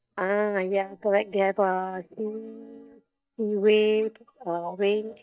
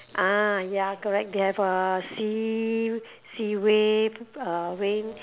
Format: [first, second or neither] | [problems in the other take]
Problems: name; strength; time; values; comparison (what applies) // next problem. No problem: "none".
second | noise reduction (neural mask model DeepFilterNet 3)